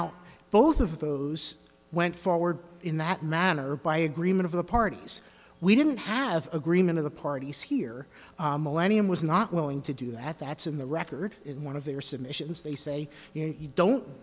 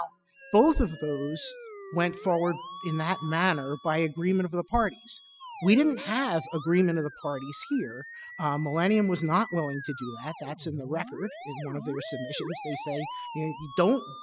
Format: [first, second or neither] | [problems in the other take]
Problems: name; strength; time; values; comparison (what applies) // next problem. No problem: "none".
first | noise reduction (classical method spectral subtraction)